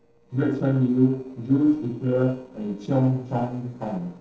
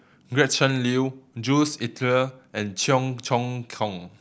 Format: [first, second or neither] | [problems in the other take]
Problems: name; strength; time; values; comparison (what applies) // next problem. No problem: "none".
second | noise reduction (neural separator model SepFormer DNS4)